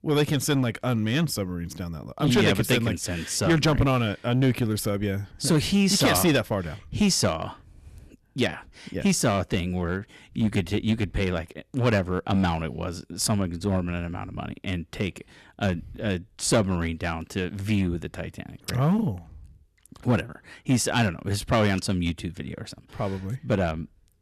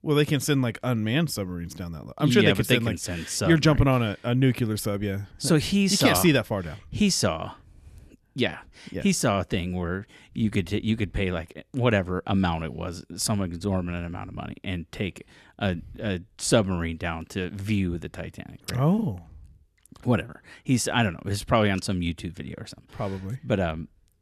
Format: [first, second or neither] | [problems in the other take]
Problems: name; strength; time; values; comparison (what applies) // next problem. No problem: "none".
second | distortion; slight; 4% of the sound clipped